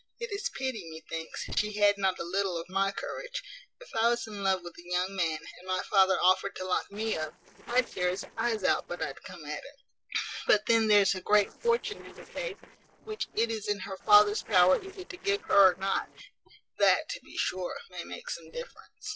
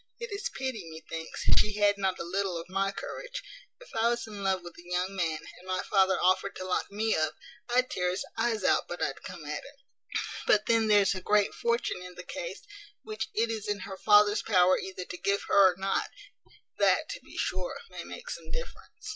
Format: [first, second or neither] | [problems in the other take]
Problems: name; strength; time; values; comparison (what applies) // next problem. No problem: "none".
second | noise reduction (neural separator model SepFormer DNS4)